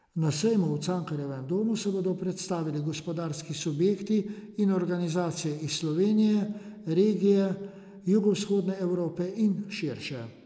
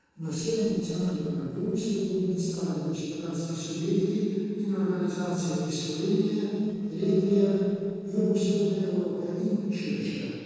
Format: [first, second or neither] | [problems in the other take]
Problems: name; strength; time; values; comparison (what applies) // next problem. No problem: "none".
first | noise reduction (neural separator model SepFormer DNS4)